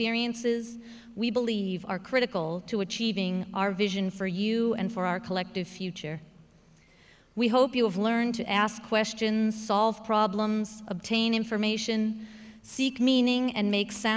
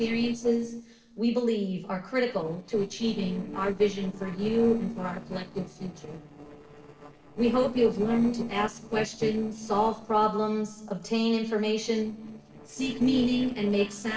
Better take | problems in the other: first | noise reduction (neural separator model SepFormer DNS4)

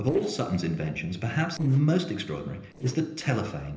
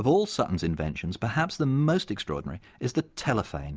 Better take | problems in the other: second | noise reduction (neural separator model SepFormer DNS4)

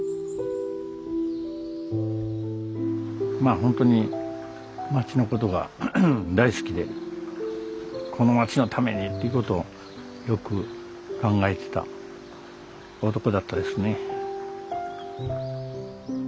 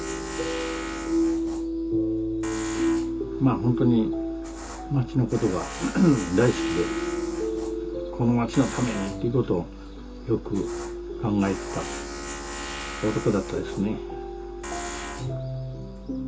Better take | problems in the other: first | background sound (Tools); 11 dB below the speech // room echo; dies away in 0.2 s

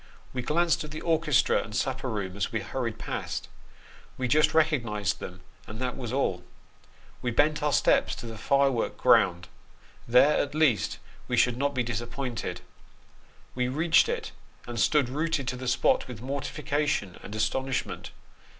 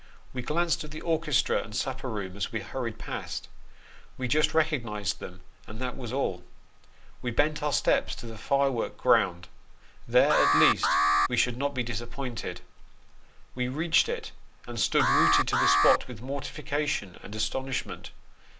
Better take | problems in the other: first | background sound (Alarm); 2 dB above the speech

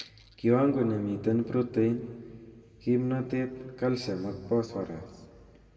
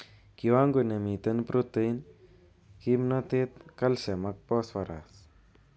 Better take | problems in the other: second | room echo; dies away in 1.5 s

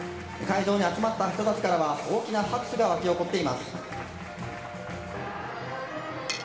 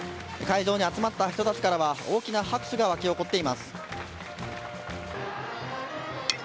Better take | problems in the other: second | room echo; dies away in 2.1 s

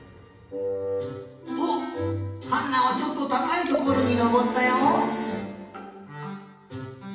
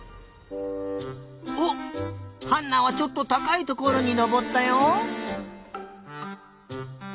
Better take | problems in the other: second | background sound (Liquid); 12 dB below the speech // room echo; dies away in 0.9 s

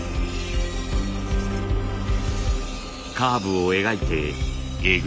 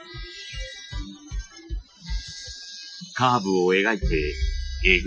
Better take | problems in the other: first | noise reduction (classical method Wiener filter)

